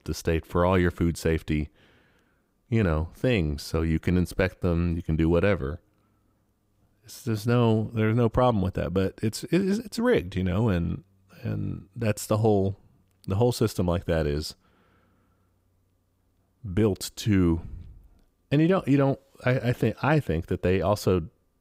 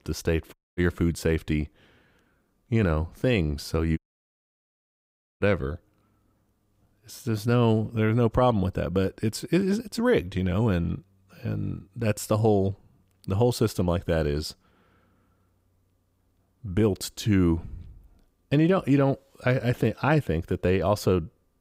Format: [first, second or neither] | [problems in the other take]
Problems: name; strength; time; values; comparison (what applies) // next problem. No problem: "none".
first | audio cutting out; at 0.5 s and at 4 s for 1.5 s